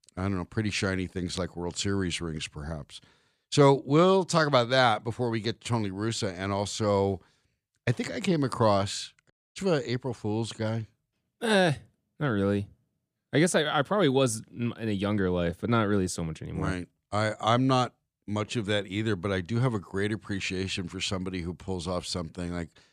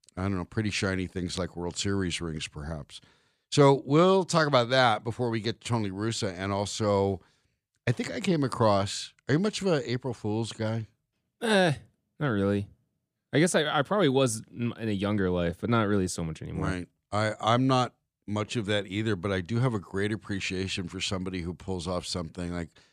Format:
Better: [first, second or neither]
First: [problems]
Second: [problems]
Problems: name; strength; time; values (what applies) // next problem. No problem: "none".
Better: second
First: audio cutting out; at 9.5 s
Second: none